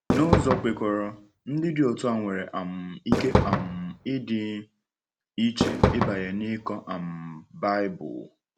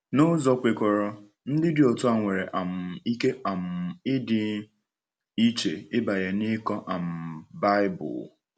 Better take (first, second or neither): second